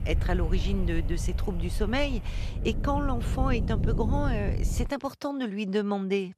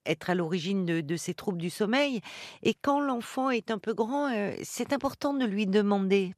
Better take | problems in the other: second | wind noise on the microphone; occasional gusts; until 5 s; 10 dB below the speech

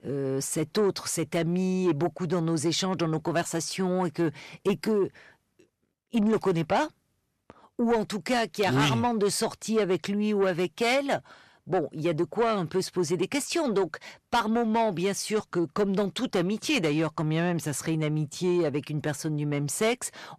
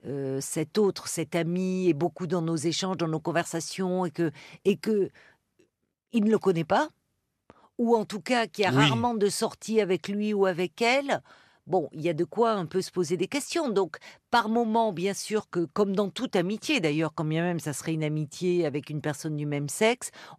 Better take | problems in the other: second | distortion; slight; 10 dB below the speech

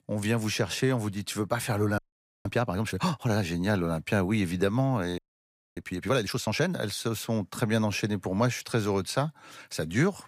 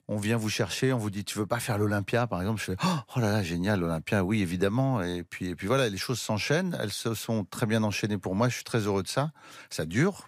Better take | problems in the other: second | audio freezing; at 2 s and at 5 s for 0.5 s

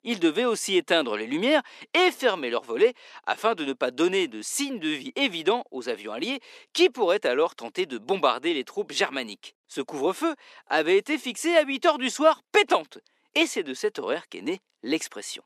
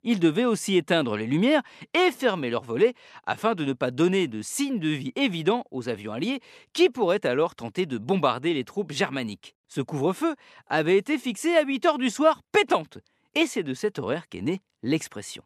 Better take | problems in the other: second | thin; very slightly; fading below 300 Hz

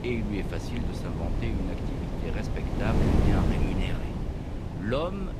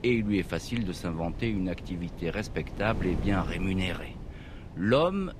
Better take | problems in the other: second | wind noise on the microphone; heavy; as loud as the speech; occasional gusts in the second

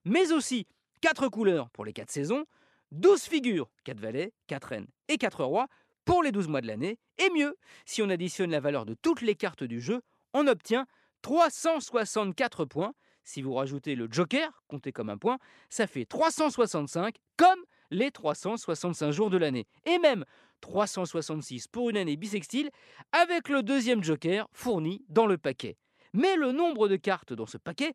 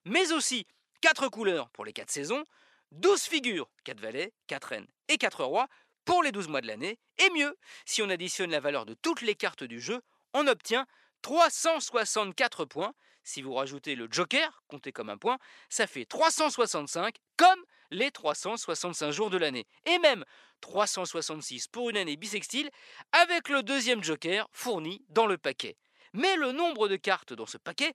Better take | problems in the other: first | thin; somewhat; fading below 850 Hz

